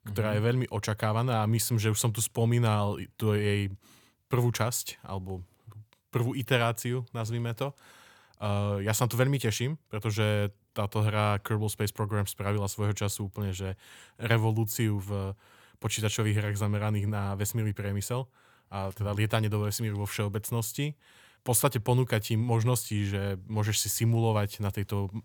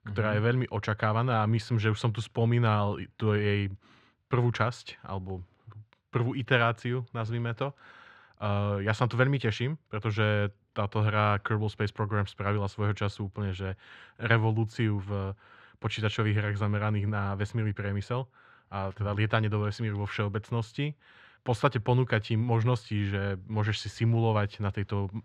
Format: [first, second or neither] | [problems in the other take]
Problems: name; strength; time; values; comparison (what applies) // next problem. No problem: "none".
first | muffled; slightly; fading above 3.5 kHz